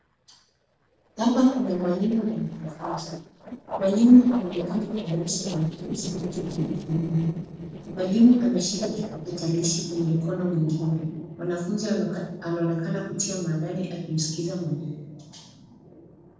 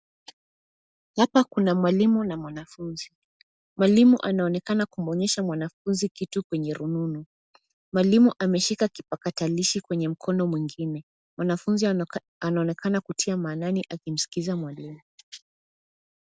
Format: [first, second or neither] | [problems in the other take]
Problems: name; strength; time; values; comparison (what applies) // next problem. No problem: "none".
second | noise reduction (neural separator model SepFormer DNS4)